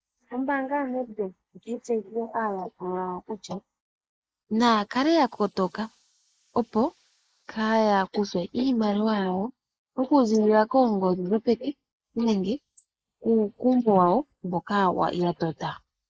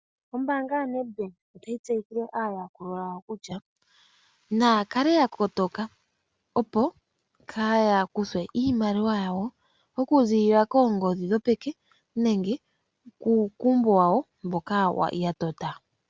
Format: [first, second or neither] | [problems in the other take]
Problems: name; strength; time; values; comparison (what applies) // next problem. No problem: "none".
second | noise reduction (neural mask model Resemble Enhance denoiser)